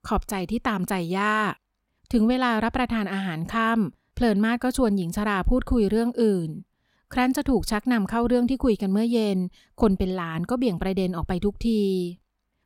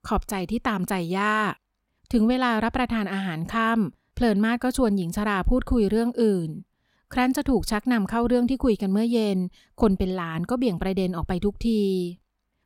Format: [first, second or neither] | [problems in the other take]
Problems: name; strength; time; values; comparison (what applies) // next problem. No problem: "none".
neither | none